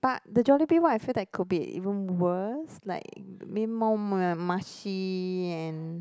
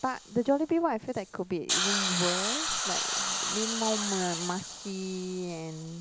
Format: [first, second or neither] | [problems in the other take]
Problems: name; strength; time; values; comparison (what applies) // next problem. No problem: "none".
first | background sound (Hiss); 1 dB below the speech